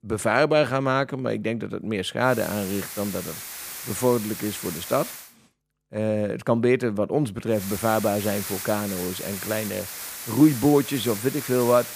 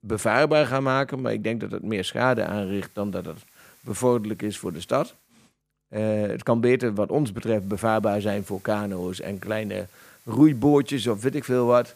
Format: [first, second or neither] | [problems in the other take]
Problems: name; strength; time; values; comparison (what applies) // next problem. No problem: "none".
second | hiss; loud; from 2.5 to 5 s and from 7.5 s on; 9 dB below the speech; faint in the second